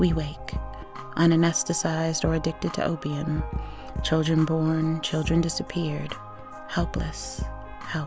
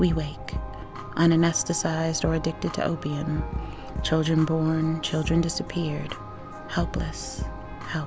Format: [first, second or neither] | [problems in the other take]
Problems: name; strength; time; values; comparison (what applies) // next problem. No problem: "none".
first | background sound (Mechanisms); 17 dB below the speech